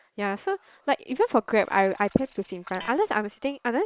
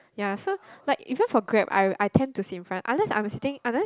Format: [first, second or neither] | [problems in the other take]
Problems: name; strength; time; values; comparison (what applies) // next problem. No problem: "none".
second | noise reduction (neural separator model SepFormer WHAM!)